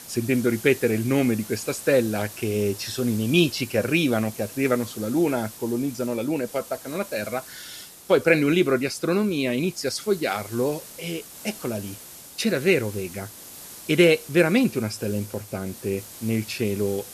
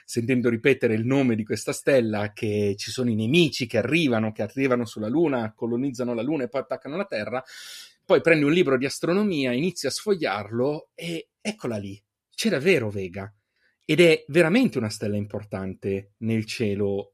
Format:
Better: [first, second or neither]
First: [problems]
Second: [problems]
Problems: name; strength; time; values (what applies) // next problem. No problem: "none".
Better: second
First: hiss; noticeable; throughout; 15 dB below the speech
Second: none